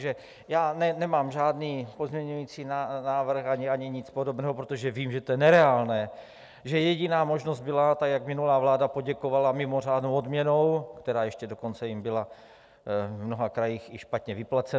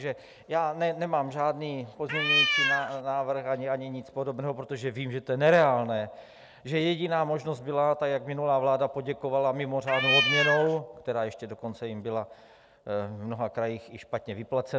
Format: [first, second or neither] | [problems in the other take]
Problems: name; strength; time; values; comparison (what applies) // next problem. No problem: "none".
first | background sound (Cat); 3 dB above the speech